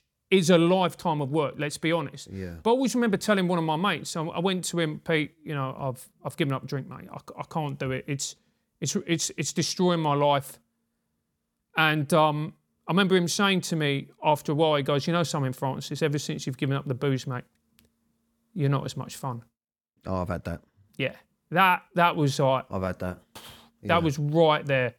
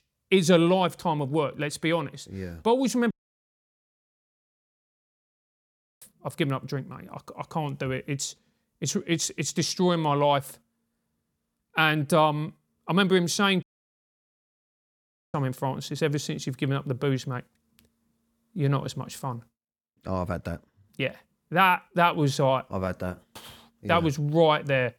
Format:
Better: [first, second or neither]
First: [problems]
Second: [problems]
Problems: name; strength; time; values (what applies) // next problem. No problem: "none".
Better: first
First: none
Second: audio cutting out; at 3 s for 3 s and at 14 s for 1.5 s